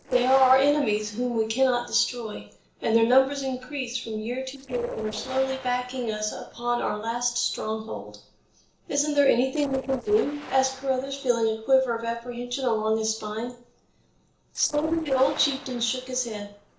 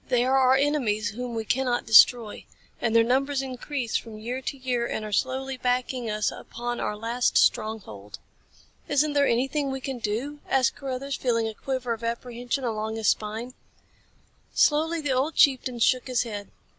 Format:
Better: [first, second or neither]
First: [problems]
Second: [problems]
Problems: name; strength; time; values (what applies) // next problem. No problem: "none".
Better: second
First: noise reduction (neural separator model SepFormer DNS4)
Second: none